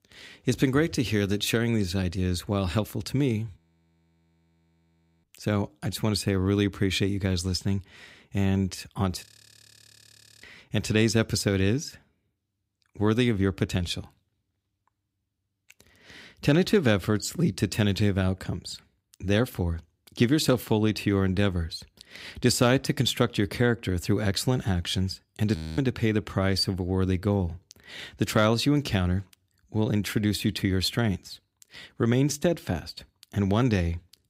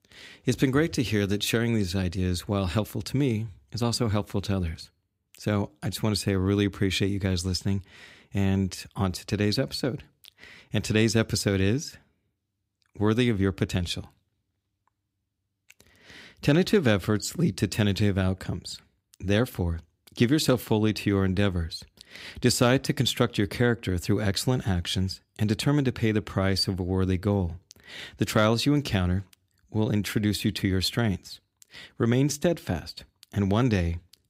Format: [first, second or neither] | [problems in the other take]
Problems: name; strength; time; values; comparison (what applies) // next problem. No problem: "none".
second | audio freezing; at 3.5 s for 1.5 s, at 9.5 s for 1 s and at 26 s